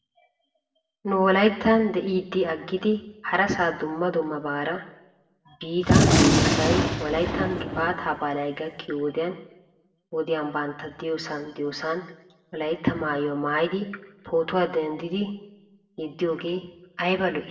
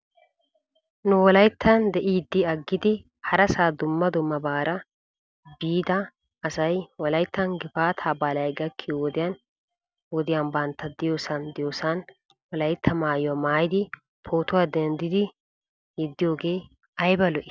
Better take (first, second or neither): second